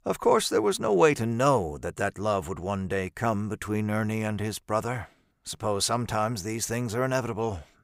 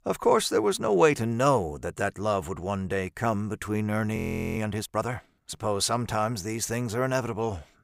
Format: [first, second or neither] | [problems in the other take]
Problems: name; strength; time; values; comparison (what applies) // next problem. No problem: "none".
first | audio freezing; at 4 s